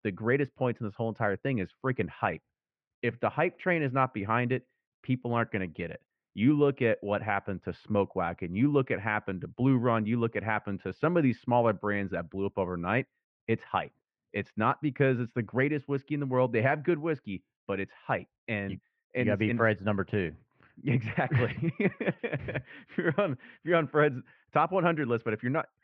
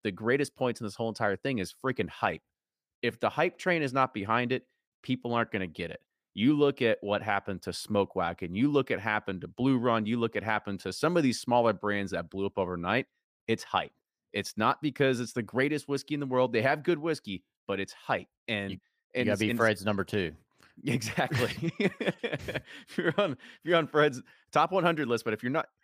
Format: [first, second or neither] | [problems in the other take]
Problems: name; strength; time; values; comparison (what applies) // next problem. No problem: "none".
second | muffled; very; fading above 2.5 kHz